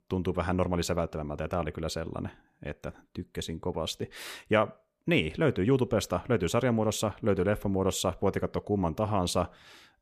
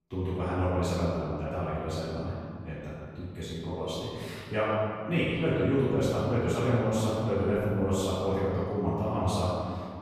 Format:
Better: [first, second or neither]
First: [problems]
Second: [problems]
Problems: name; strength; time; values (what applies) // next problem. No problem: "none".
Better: first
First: none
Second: off-mic speech; far // room echo; strong; dies away in 2.2 s